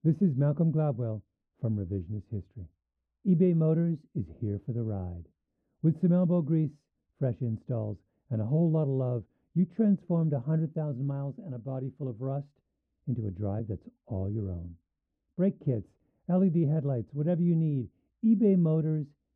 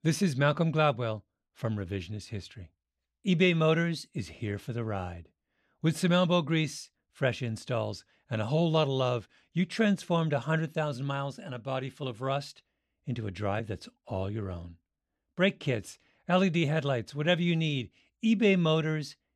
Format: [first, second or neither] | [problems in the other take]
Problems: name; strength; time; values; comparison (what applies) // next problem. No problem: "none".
second | muffled; very; fading above 1 kHz